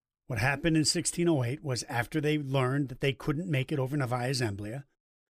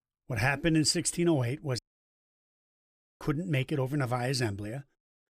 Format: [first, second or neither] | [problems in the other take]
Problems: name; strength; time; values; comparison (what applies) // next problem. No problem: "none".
first | audio cutting out; at 2 s for 1.5 s